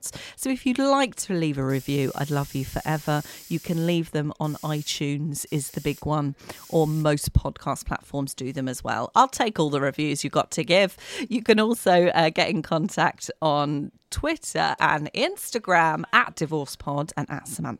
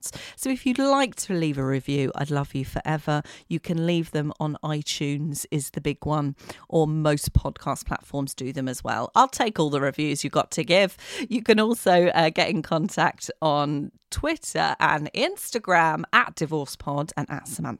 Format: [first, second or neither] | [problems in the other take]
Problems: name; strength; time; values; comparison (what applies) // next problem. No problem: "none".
second | hiss; faint; throughout; 20 dB below the speech